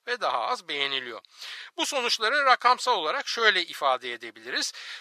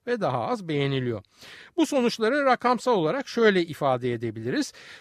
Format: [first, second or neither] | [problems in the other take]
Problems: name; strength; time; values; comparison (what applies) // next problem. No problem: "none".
second | thin; very; fading below 850 Hz